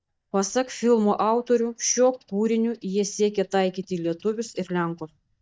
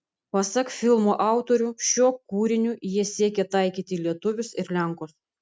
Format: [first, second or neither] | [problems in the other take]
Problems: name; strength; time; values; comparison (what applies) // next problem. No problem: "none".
second | noise reduction (neural mask model DeepFilterNet 3)